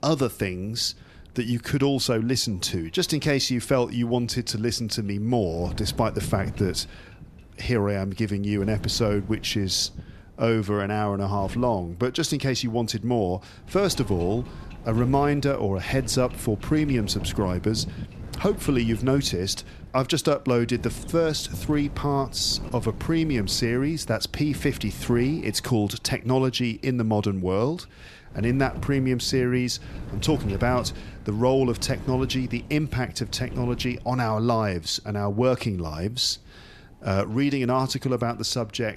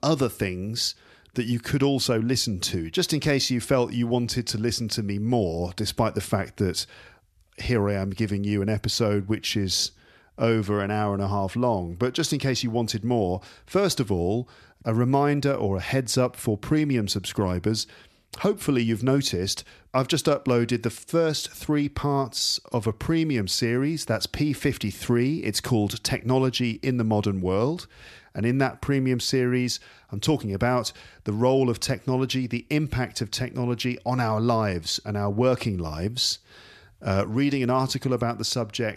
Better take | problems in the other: second | wind noise on the microphone; occasional gusts; 20 dB below the speech

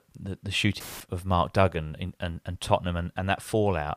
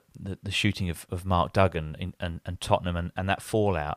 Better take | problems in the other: second | audio cutting out; filled with static; at 1 s

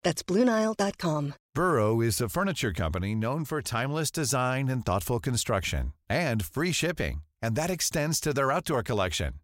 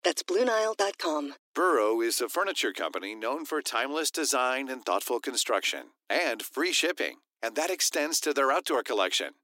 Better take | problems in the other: first | thin; somewhat; fading below 300 Hz

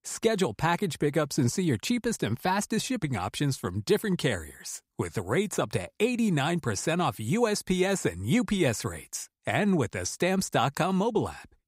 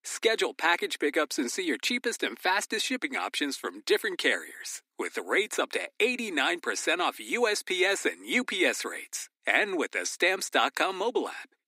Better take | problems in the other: first | thin; somewhat; fading below 250 Hz

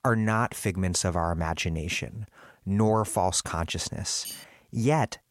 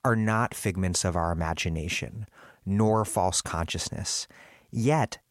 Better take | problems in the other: second | clattering dishes; faint; at 4 s; peak 10 dB below the speech

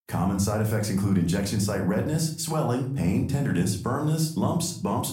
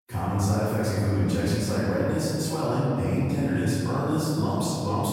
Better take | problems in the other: first | room echo; strong; dies away in 2.3 s; slight in the first // off-mic speech; far; somewhat distant in the first

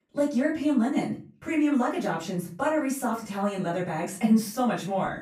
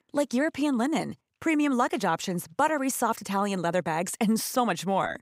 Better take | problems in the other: second | off-mic speech; far // room echo; slight; dies away in 0.3 s

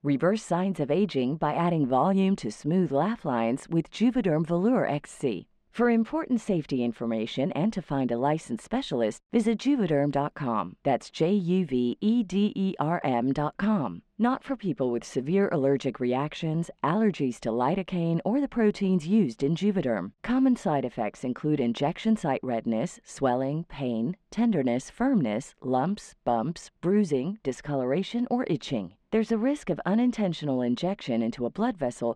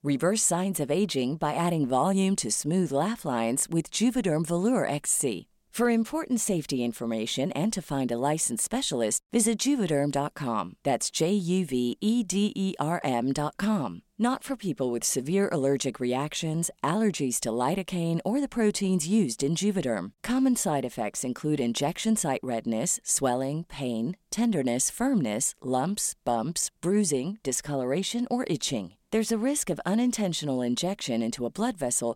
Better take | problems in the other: second | muffled; very; fading above 2.5 kHz

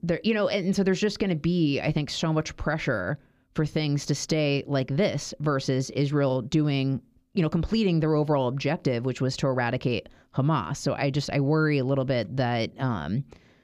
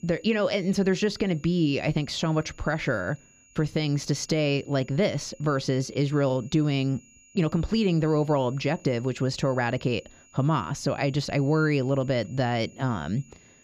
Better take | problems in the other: first | high-pitched whine; faint; throughout; 7 kHz, 30 dB below the speech

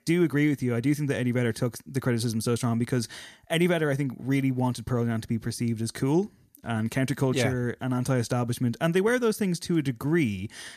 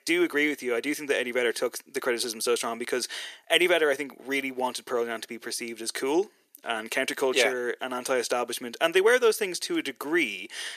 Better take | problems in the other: first | thin; very; fading below 400 Hz

